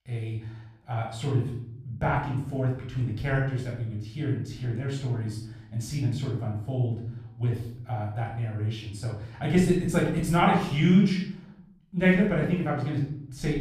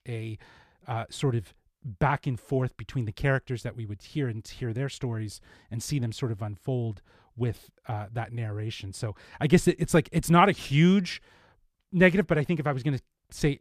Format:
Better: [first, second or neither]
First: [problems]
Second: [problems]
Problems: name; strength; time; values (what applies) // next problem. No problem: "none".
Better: second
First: off-mic speech; far // room echo; noticeable; dies away in 0.6 s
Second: none